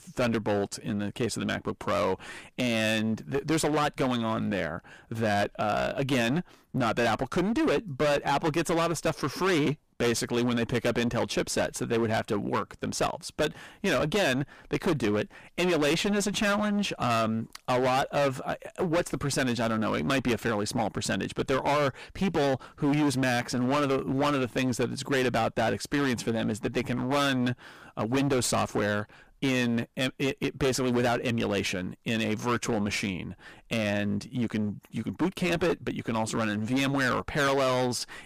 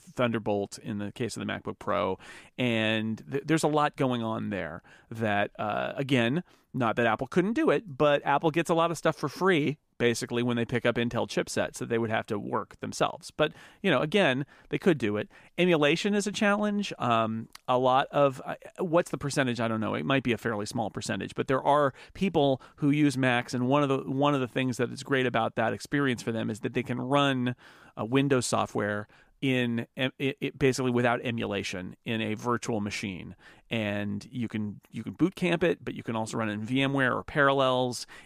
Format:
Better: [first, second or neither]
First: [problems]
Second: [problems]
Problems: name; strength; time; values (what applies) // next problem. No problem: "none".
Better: second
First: distortion; heavy; 19% of the sound clipped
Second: none